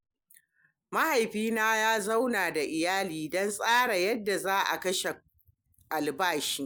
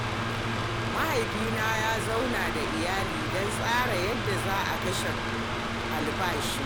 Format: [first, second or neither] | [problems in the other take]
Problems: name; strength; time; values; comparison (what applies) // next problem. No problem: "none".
first | background sound (Mechanical fan); 2 dB above the speech